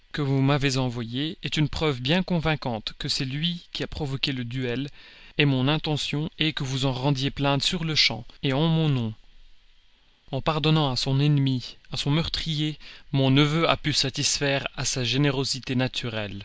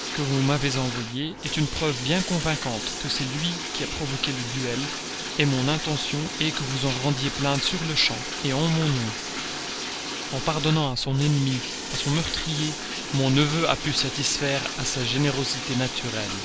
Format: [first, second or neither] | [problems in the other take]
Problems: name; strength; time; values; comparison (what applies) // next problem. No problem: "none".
first | background sound (Bathtub (filling or washing)); 6 dB below the speech